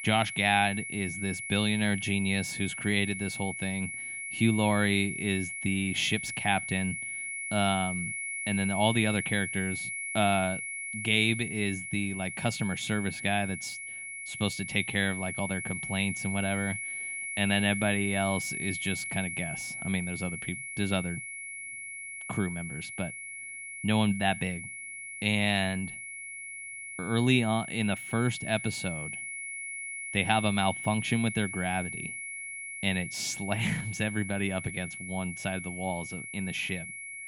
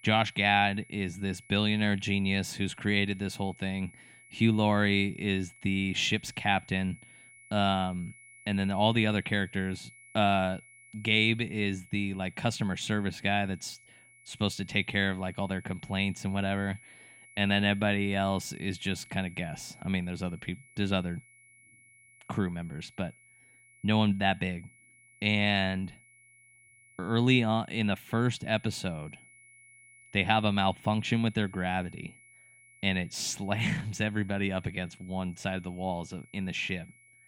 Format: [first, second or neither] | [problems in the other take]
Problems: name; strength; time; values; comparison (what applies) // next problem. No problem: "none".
second | high-pitched whine; loud; throughout; 2 kHz, 6 dB below the speech; faint in the second